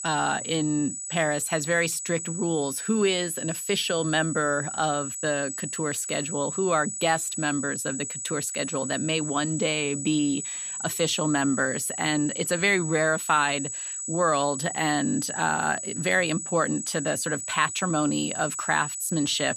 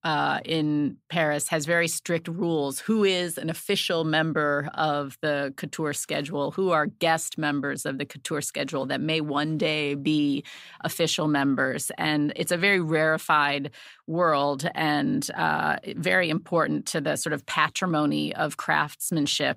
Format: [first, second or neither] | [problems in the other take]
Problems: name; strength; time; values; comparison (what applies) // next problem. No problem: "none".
second | high-pitched whine; loud; throughout; 8 kHz, 5 dB below the speech